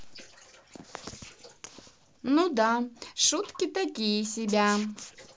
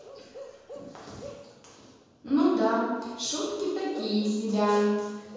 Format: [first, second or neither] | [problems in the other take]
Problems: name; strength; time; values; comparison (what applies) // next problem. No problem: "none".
first | background sound (Bark / Livestock, farm animals, working animals); 20 dB below the speech // room echo; dies away in 1.2 s